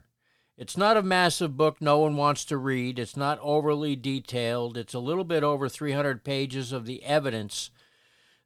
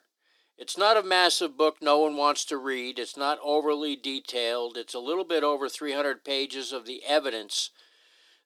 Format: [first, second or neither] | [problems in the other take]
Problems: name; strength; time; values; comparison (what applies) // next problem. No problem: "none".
first | thin; somewhat; fading below 300 Hz